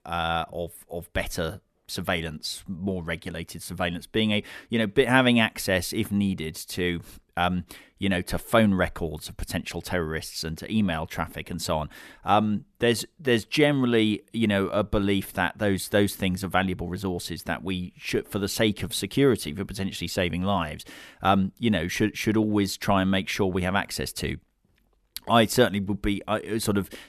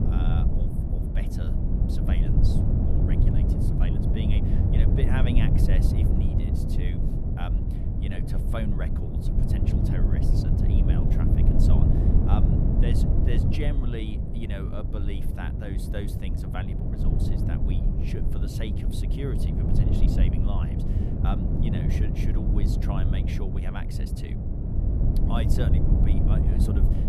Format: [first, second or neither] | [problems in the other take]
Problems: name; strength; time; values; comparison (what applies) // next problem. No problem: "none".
first | wind noise on the microphone; heavy; 3 dB above the speech